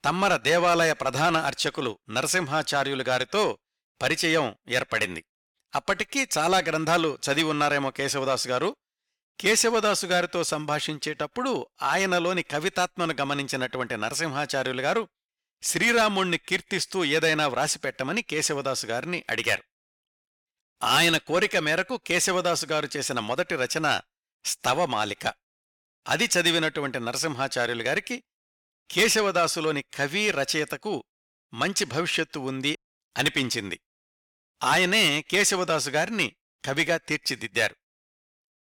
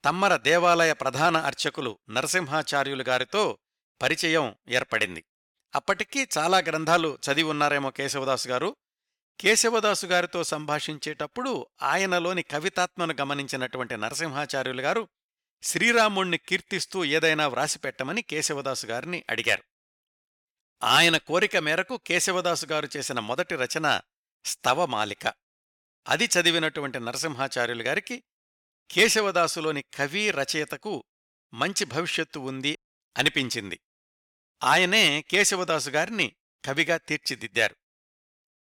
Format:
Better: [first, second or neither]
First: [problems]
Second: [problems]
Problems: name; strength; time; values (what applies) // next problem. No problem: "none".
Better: second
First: distortion; slight; 10 dB below the speech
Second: none